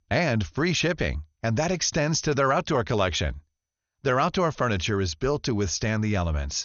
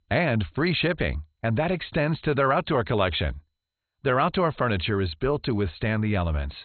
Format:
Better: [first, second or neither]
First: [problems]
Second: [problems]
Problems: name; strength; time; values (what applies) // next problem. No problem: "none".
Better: first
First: garbled, watery; slightly; nothing above 6.5 kHz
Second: garbled, watery; badly; nothing above 4 kHz